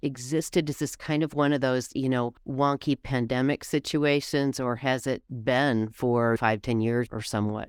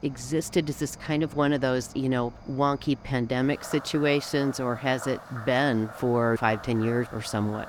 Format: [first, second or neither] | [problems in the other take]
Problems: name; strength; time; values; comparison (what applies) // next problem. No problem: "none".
first | animal sounds; noticeable; throughout; 15 dB below the speech